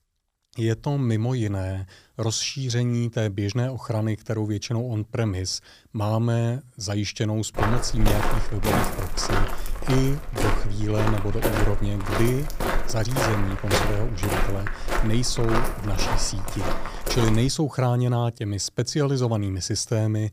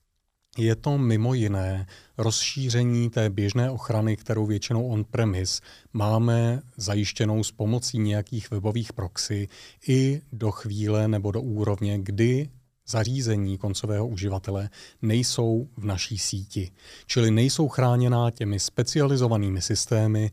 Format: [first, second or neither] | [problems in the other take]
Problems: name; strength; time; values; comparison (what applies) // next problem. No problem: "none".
second | footsteps; loud; from 7.5 to 18 s; peak 2 dB above the speech